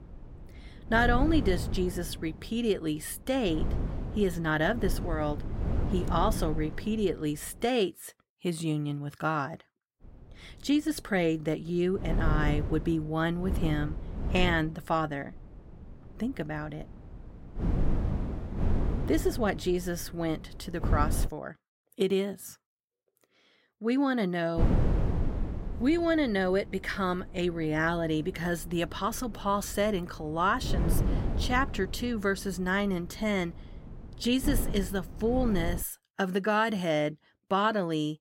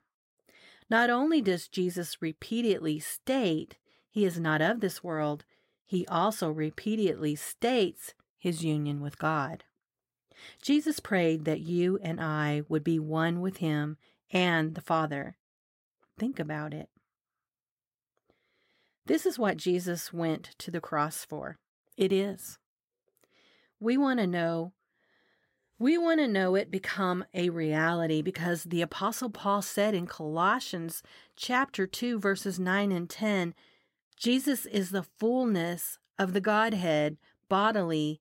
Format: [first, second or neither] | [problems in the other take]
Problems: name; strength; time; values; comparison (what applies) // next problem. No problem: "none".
second | wind noise on the microphone; occasional gusts; until 7.5 s, from 10 to 21 s and from 25 to 36 s; 10 dB below the speech